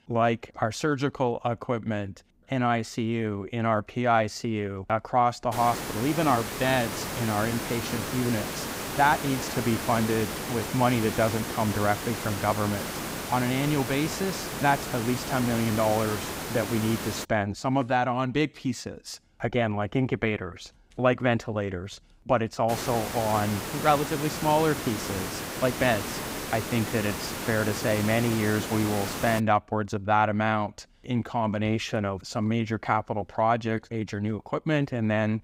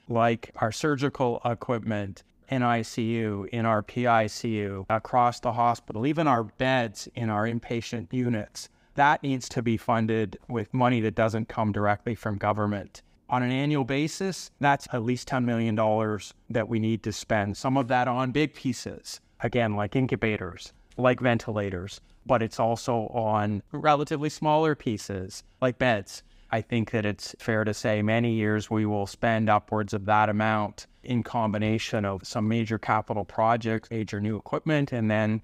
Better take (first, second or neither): second